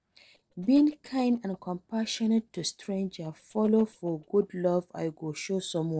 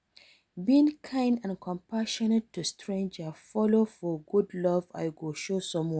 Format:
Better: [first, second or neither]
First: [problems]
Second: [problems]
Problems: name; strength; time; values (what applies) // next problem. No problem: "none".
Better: second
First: noise reduction (neural separator model SepFormer DNS4)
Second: none